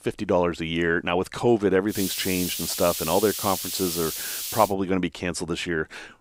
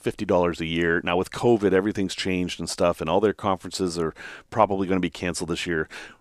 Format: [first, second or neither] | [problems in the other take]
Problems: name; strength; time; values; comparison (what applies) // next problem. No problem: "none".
second | hiss; loud; from 2 to 4.5 s; 4 dB below the speech